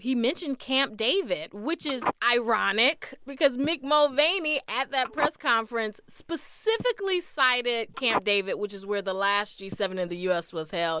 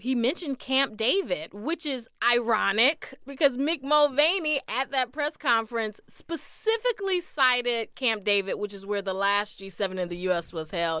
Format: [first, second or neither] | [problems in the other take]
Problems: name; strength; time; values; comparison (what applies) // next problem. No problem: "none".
second | noise reduction (neural mask model Resemble Enhance denoiser)